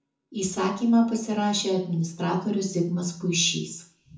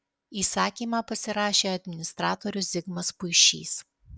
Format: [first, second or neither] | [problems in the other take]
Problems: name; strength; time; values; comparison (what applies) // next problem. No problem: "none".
second | room echo; dies away in 0.6 s